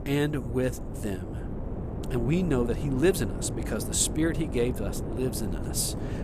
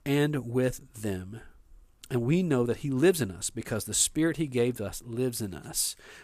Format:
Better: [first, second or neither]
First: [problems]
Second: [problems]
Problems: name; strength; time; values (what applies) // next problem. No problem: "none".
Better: second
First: wind noise on the microphone; heavy; 9 dB below the speech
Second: none